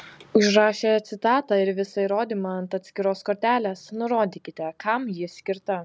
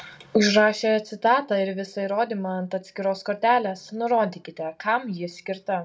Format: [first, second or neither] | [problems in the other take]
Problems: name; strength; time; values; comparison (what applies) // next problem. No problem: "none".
first | room echo; dies away in 0.2 s